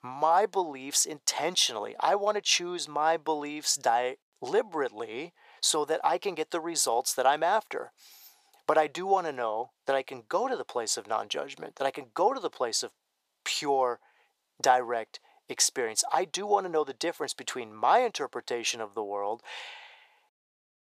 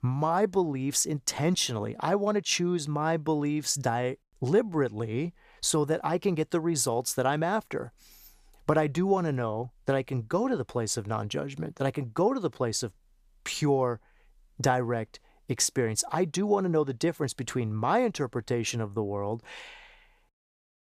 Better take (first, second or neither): second